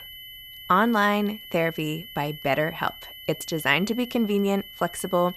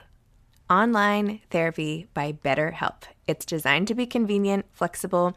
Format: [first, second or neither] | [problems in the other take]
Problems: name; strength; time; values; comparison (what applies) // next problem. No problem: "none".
second | high-pitched whine; noticeable; throughout; 3 kHz, 15 dB below the speech